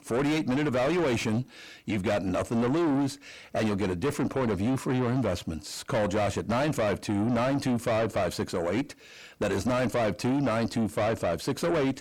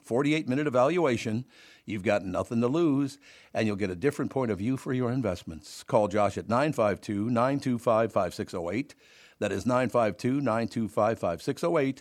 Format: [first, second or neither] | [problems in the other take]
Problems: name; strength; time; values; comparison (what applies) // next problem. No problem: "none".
second | distortion; heavy; 6 dB below the speech